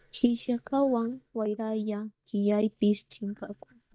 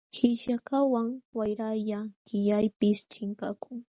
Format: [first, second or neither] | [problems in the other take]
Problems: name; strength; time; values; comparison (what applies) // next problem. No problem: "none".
second | noise reduction (neural mask model DeepFilterNet 3)